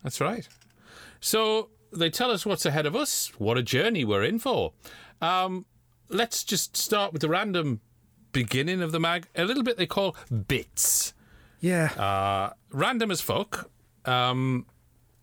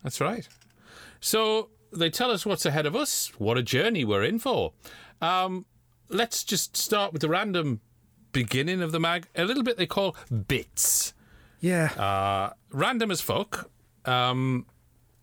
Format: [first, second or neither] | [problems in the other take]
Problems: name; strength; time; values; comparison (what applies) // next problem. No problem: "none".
neither | none